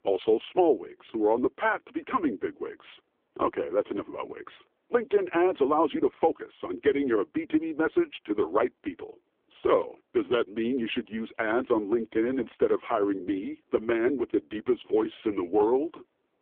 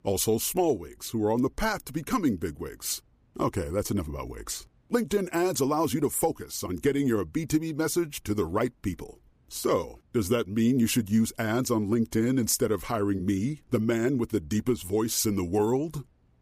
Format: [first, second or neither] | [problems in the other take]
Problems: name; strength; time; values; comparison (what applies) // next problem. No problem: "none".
second | phone-call audio; poor line